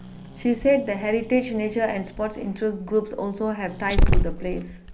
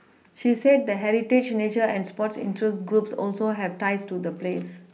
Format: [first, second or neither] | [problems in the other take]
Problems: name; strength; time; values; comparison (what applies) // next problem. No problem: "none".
second | background sound (Growling); as loud as the speech